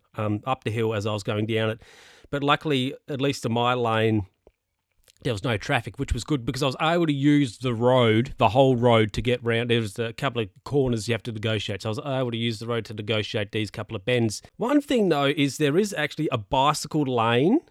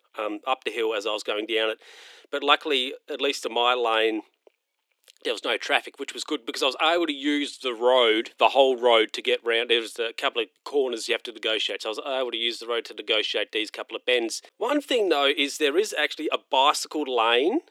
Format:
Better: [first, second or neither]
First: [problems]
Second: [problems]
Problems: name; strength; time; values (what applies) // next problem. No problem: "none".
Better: first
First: none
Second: thin; somewhat; fading below 300 Hz